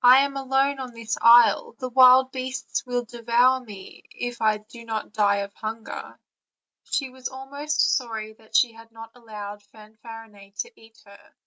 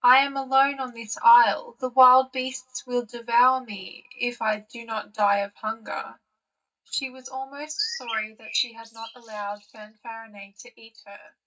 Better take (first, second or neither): first